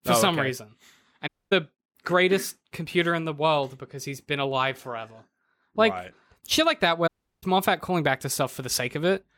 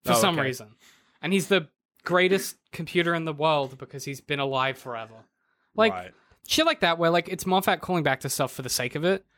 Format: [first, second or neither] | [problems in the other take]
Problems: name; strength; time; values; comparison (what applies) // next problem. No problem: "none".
second | audio cutting out; at 1.5 s and at 7 s